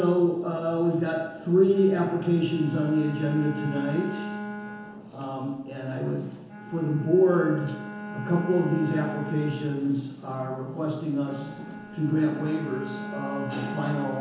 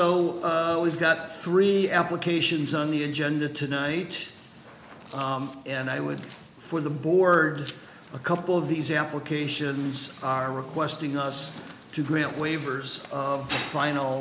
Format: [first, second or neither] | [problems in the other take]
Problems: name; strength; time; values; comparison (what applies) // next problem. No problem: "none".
second | background sound (Bowed string instrument); 12 dB below the speech // room echo; dies away in 1 s